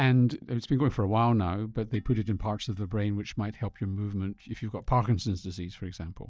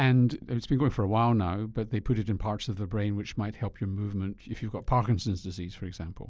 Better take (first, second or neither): second